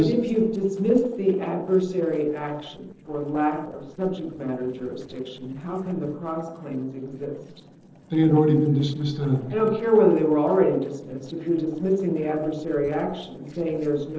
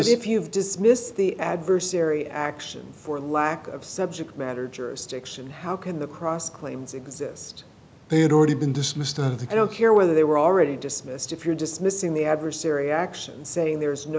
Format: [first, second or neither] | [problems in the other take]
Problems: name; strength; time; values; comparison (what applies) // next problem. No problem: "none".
second | noise reduction (neural separator model SepFormer DNS4)